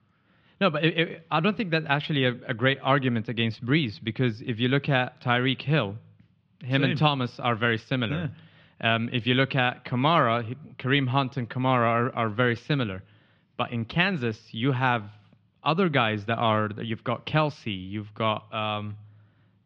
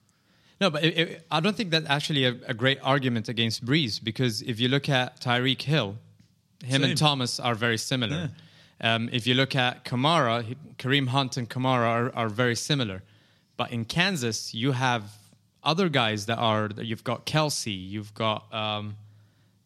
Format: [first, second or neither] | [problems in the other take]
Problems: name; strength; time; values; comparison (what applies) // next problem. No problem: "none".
second | muffled; very; fading above 3 kHz